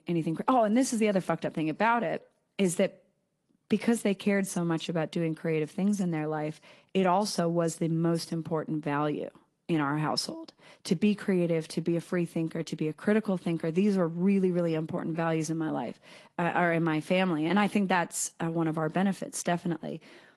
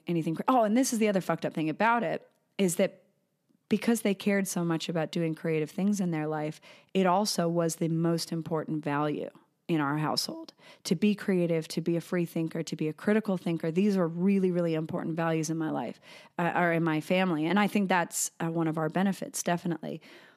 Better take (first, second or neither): second